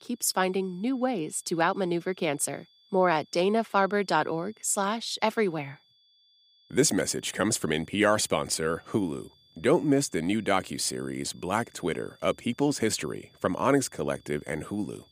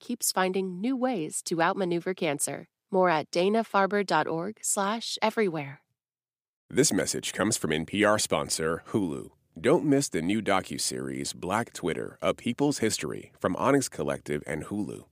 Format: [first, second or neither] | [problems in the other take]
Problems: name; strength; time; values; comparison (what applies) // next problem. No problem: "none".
second | high-pitched whine; faint; throughout; 3.5 kHz, 30 dB below the speech